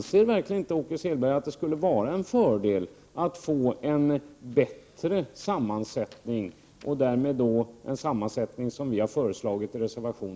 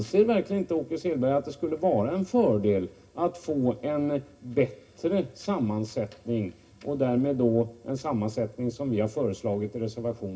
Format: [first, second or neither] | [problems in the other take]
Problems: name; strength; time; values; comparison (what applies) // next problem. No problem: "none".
first | room echo; dies away in 0.4 s